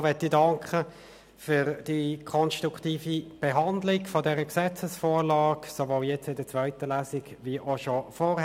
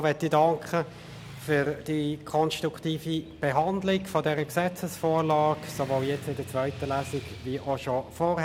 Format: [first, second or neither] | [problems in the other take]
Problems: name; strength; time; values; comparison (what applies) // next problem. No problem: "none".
first | background sound (Motorcycle / Traffic noise, roadway noise); 17 dB below the speech